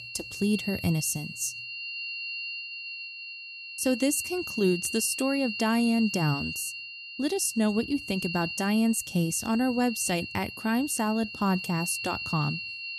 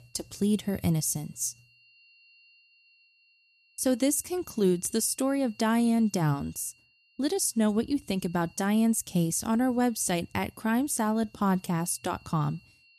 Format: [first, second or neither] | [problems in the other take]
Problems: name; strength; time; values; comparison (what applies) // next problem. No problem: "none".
second | high-pitched whine; loud; throughout; 3 kHz, 7 dB below the speech; faint in the second